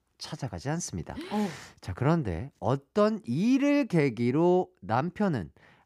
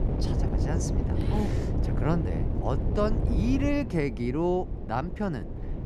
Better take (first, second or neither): first